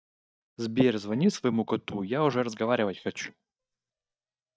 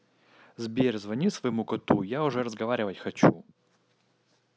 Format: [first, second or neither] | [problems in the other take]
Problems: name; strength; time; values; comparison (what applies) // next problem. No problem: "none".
second | noise reduction (neural mask model DeepFilterNet 3)